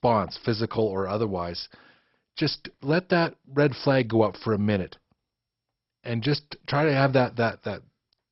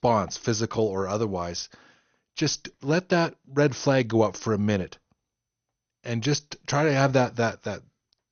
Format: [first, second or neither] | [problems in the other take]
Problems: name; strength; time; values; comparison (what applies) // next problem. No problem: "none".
second | garbled, watery; badly; nothing above 5.5 kHz; slightly in the second